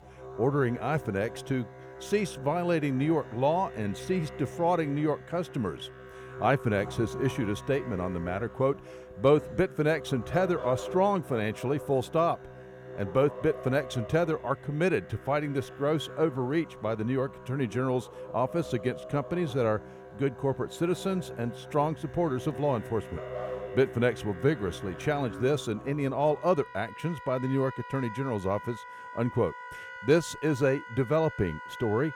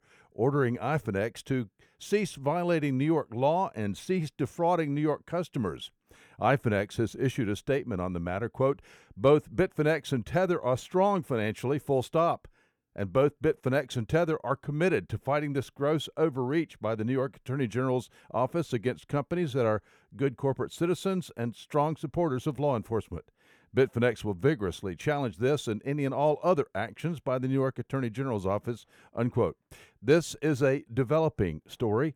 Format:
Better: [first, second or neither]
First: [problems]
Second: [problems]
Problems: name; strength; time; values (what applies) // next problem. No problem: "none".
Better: second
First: background music; noticeable; throughout; 15 dB below the speech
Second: none